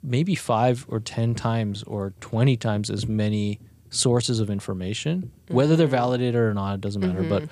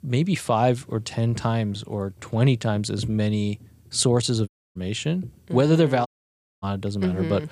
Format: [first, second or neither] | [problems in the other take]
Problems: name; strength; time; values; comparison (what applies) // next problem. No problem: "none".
first | audio cutting out; at 4.5 s and at 6 s for 0.5 s